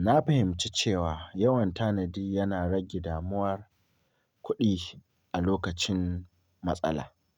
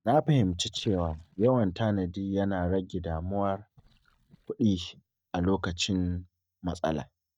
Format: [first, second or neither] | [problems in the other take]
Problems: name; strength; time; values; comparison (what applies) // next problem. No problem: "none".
first | noise reduction (neural mask model DeepFilterNet 3)